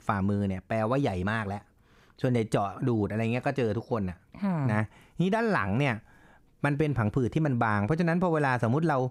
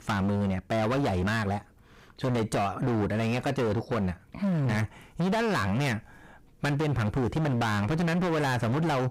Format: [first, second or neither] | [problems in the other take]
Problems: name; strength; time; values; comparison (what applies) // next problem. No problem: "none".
first | distortion; heavy; 31% of the sound clipped